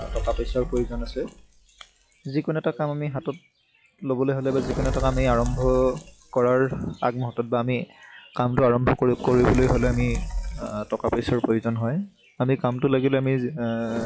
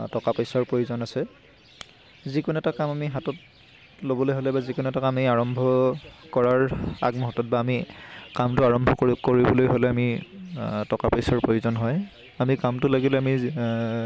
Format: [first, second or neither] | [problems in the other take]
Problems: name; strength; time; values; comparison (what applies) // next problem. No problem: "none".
second | noise reduction (classical method log-MMSE)